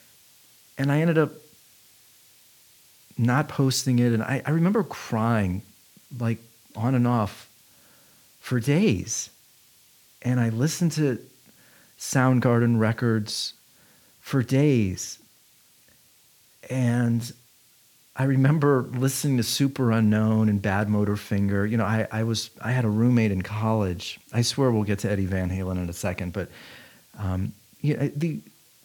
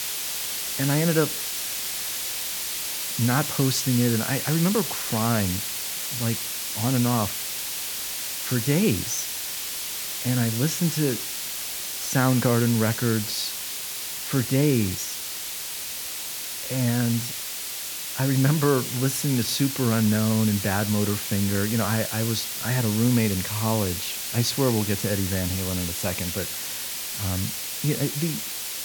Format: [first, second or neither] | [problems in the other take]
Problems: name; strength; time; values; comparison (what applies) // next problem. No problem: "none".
first | hiss; loud; throughout; 3 dB below the speech; faint in the first